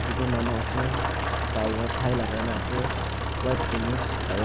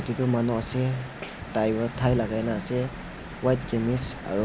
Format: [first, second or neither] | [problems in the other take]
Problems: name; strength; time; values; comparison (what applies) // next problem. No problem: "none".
second | background sound (Rain + Engine); 2 dB above the speech